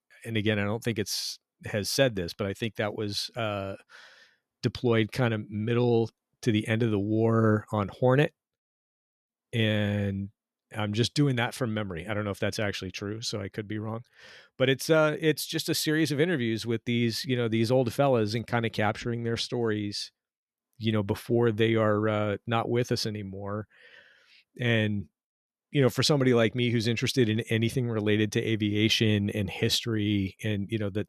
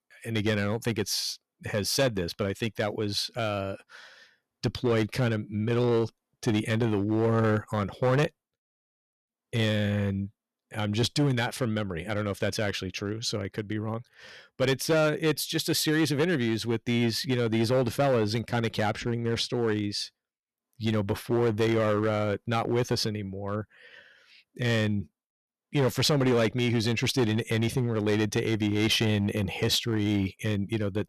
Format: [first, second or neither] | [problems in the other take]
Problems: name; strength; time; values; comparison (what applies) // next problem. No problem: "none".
first | distortion; slight; 6% of the sound clipped